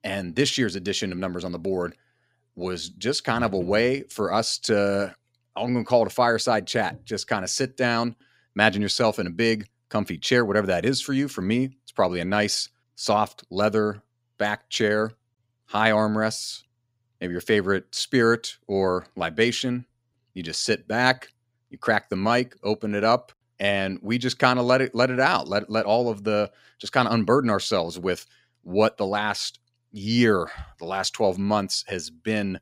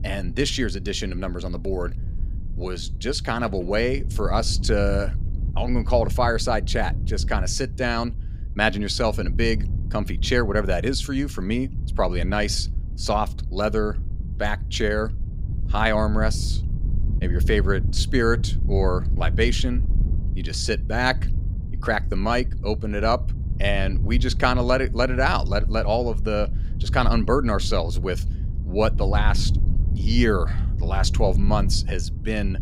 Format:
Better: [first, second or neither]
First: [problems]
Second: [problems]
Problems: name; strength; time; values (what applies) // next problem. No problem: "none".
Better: first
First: none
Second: wind noise on the microphone; occasional gusts; 20 dB below the speech